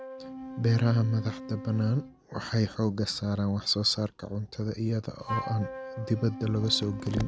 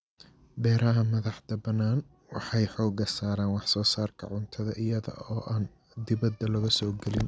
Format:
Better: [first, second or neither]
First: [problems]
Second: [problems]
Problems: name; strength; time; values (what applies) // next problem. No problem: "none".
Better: second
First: background sound (Wind instrument, woodwind instrument); 13 dB below the speech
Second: none